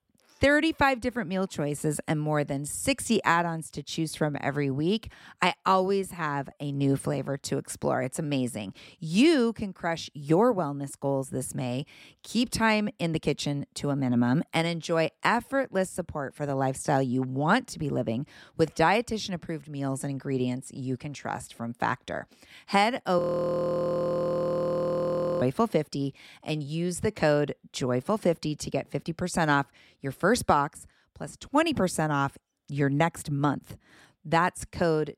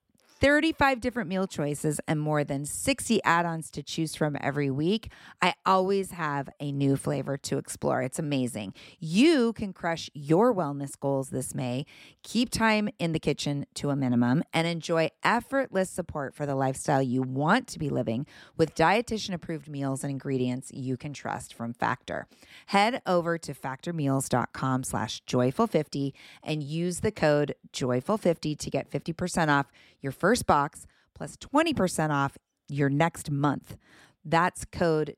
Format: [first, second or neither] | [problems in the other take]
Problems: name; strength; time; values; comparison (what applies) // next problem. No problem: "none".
second | audio freezing; at 23 s for 2 s